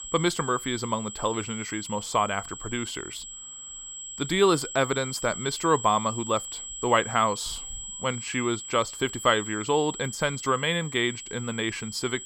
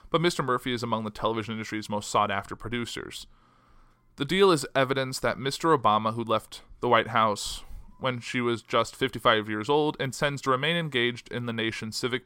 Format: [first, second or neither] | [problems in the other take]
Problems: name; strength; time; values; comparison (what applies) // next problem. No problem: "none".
second | high-pitched whine; loud; throughout; 7.5 kHz, 9 dB below the speech